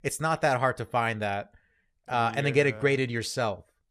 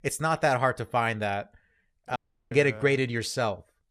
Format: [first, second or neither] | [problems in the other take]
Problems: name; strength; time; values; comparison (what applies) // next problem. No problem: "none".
first | audio cutting out; at 2 s